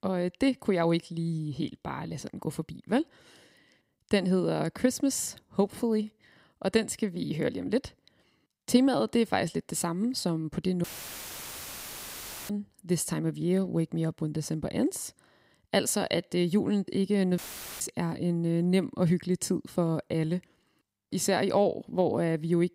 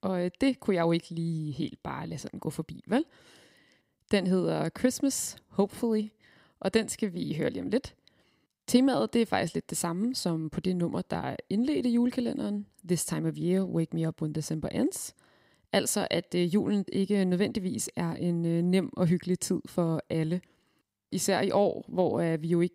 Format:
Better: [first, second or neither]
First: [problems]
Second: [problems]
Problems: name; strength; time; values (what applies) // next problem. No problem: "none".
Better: second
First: audio cutting out; filled with static; at 11 s for 1.5 s and at 17 s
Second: none